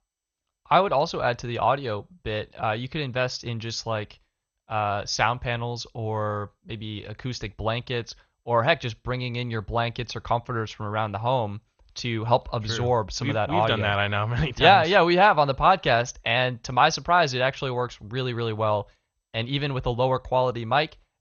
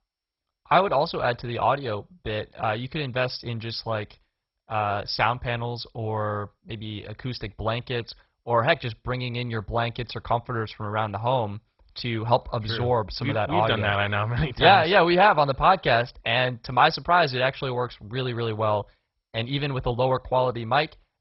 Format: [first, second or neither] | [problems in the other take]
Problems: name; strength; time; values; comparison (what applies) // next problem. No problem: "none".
first | garbled, watery; badly; nothing above 5.5 kHz; slightly in the first